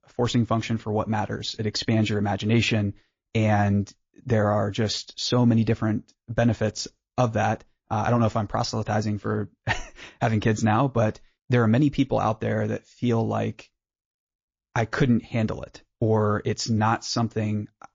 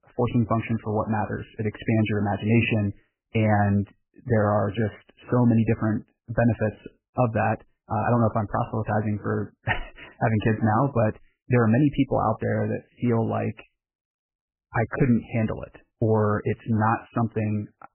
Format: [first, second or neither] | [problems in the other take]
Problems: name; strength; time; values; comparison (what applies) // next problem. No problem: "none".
first | garbled, watery; badly; nothing above 3 kHz; slightly in the first